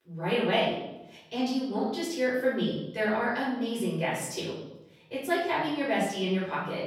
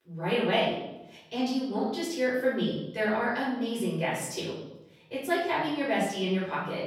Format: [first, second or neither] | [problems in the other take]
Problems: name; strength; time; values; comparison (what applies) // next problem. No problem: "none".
neither | room echo; noticeable; dies away in 0.9 s; the same in both // off-mic speech; far; the same in both